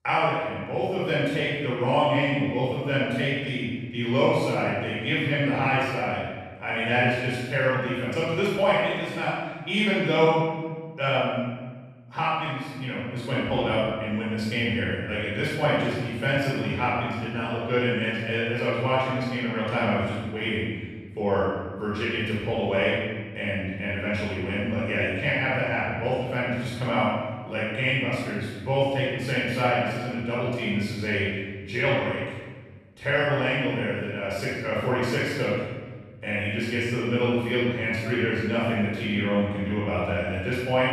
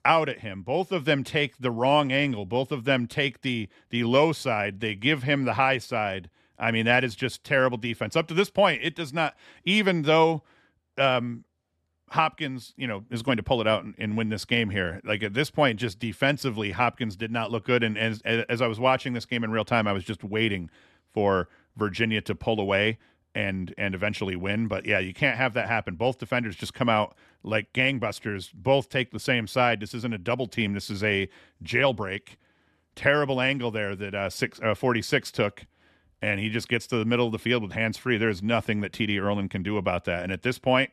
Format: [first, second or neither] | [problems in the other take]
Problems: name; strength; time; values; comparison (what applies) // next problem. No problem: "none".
second | off-mic speech; far // room echo; strong; dies away in 1.4 s